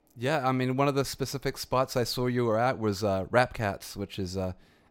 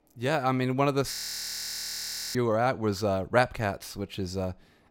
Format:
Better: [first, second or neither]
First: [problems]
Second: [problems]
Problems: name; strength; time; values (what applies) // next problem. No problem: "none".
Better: first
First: none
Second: audio freezing; at 1 s for 1 s